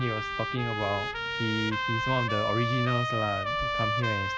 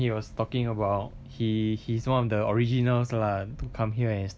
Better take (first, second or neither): second